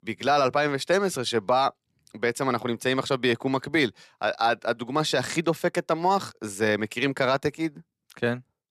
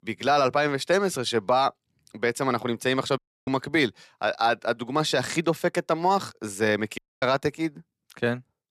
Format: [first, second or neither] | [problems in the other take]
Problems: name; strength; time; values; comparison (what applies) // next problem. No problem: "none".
first | audio cutting out; at 3 s and at 7 s